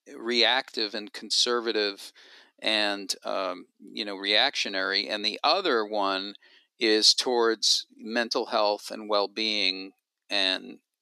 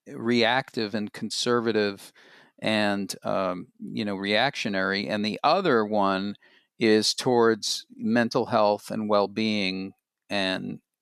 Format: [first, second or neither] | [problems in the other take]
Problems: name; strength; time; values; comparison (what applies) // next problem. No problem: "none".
second | thin; somewhat; fading below 300 Hz